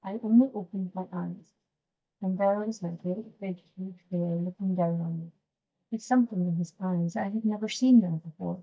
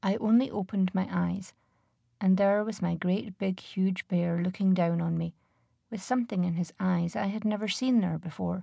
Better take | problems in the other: second | noise reduction (neural mask model DeepFilterNet 3)

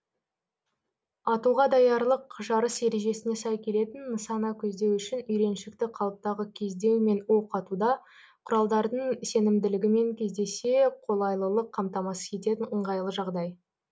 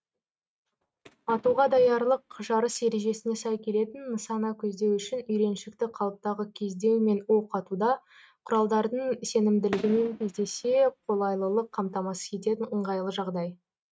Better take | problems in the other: first | noise reduction (neural mask model RNNoise)

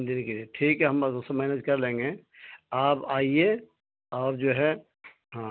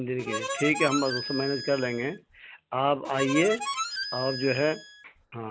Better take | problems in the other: first | background sound (Harmonica); 6 dB below the speech

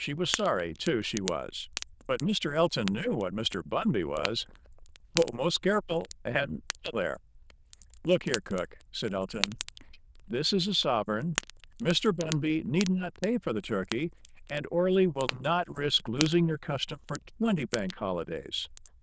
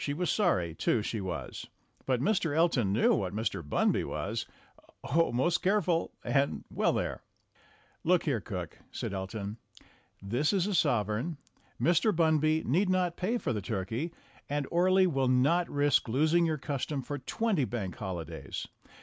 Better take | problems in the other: second | noise reduction (neural diffusion model UNIVERSE++)

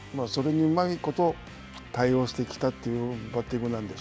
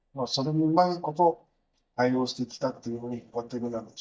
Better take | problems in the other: first | noise reduction (neural mask model DeepFilterNet 3)

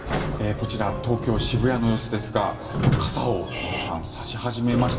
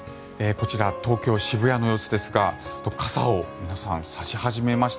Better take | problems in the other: second | background sound (Squeak / Sliding door); 3 dB below the speech // room echo; dies away in 2.3 s

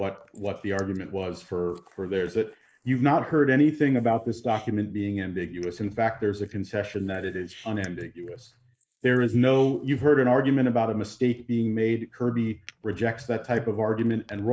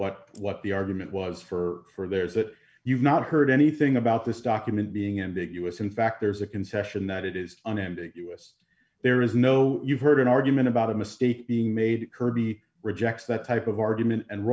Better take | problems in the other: second | noise reduction (neural mask model Resemble Enhance denoiser)

